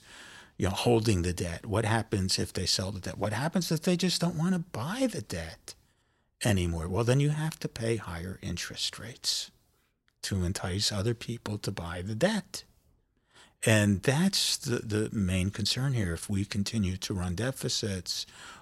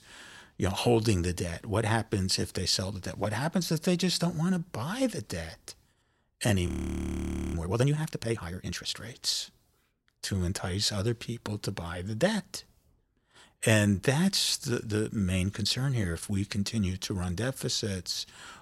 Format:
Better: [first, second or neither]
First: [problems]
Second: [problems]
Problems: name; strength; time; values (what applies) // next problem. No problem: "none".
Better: first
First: none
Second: audio freezing; at 6.5 s for 1 s